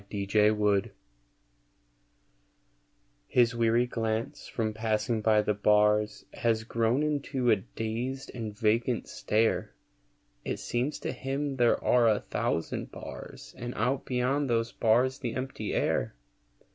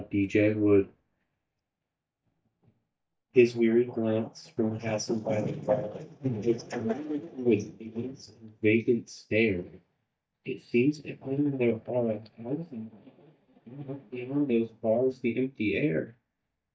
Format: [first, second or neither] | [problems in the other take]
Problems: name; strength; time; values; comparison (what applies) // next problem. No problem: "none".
first | noise reduction (neural mask model DeepFilterNet 3)